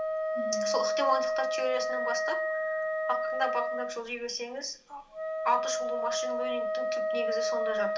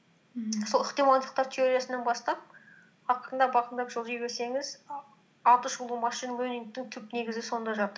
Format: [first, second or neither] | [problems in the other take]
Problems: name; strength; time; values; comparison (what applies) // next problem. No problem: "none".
second | background sound (Wind instrument, woodwind instrument); 3 dB above the speech // room echo; dies away in 0.2 s